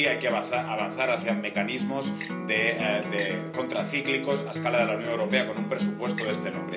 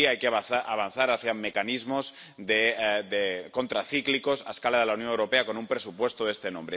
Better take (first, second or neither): second